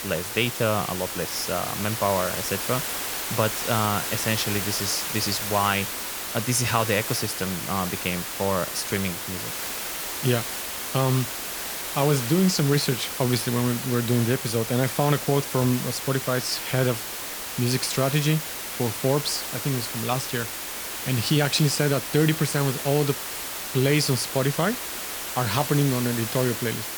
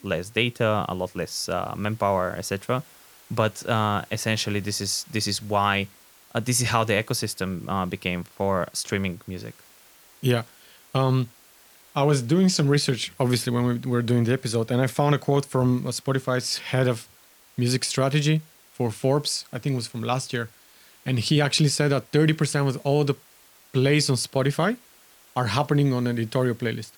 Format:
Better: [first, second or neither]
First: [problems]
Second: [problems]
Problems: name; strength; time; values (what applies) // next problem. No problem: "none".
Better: second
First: hiss; loud; throughout; 4 dB below the speech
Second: hiss; faint; throughout; 25 dB below the speech